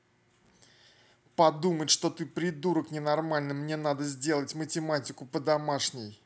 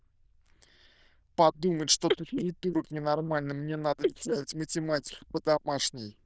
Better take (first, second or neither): first